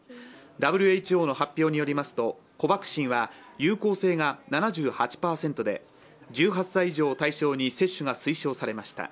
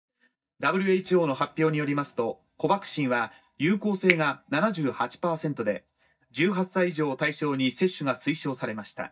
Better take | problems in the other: first | noise reduction (neural mask model DeepFilterNet 3)

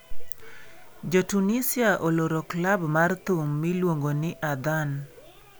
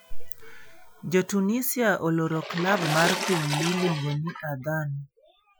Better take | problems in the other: first | noise reduction (classical method Wiener filter)

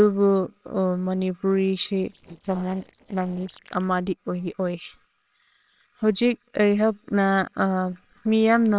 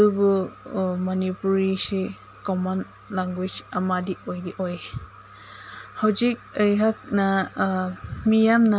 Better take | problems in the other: second | noise reduction (neural separator model SepFormer WHAMR!)

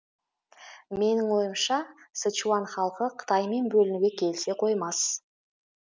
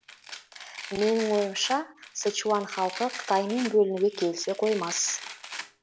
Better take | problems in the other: first | background sound (Domestic sounds, home sounds); 13 dB below the speech

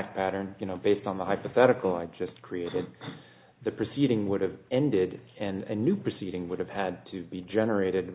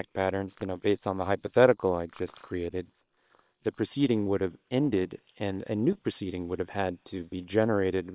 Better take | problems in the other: first | noise reduction (neural separator model SepFormer WHAM!)

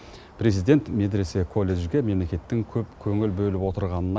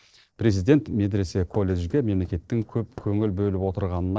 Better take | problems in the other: first | noise reduction (neural separator model SepFormer DNS4)

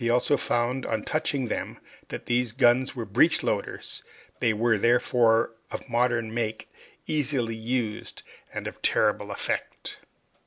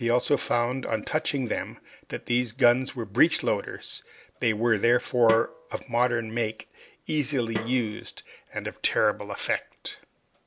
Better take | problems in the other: first | background sound (Snare drum); 12 dB below the speech

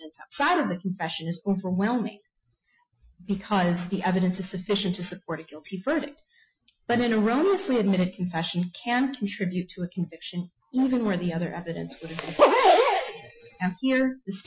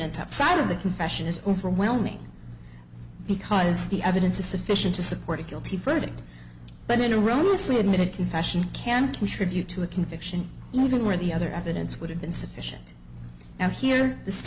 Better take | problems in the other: second | noise reduction (classical method Wiener filter)

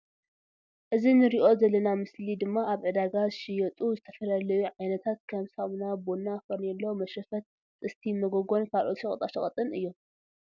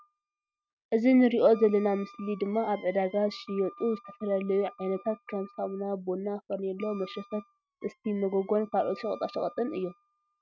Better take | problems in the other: first | noise reduction (neural mask model RNNoise)

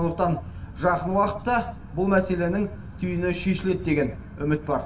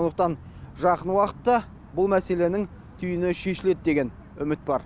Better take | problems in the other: second | room echo; dies away in 0.6 s

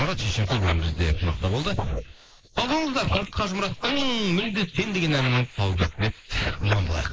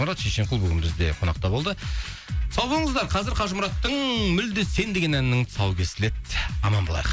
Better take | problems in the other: second | noise reduction (neural mask model Resemble Enhance denoiser)

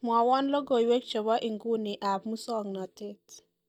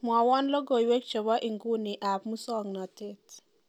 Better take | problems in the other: second | noise reduction (neural mask model DeepFilterNet 3)

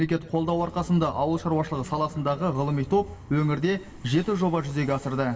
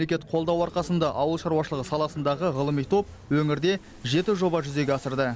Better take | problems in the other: second | room echo; dies away in 0.8 s

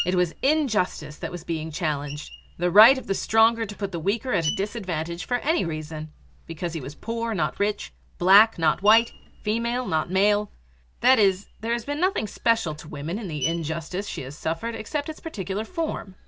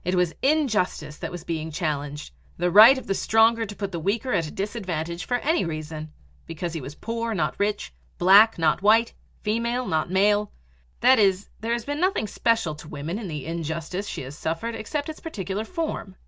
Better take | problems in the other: second | background sound (Screech); 16 dB below the speech

